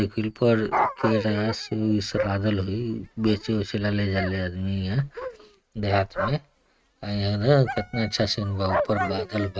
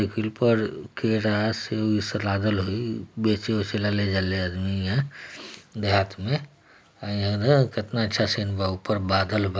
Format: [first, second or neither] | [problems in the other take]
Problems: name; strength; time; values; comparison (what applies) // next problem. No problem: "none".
second | noise reduction (neural mask model RNNoise)